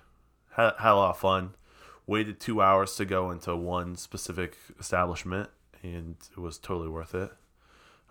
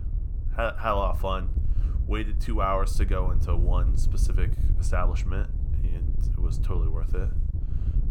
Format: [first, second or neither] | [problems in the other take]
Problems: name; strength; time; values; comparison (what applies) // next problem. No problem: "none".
first | wind noise on the microphone; occasional gusts; 15 dB below the speech